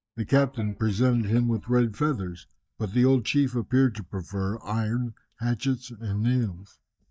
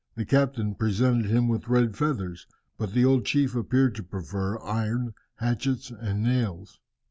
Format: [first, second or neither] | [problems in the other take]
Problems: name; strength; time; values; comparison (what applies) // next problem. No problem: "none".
second | noise reduction (neural mask model DeepFilterNet 3)